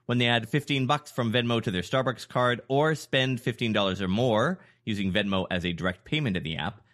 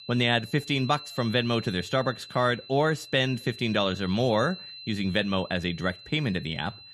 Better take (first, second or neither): first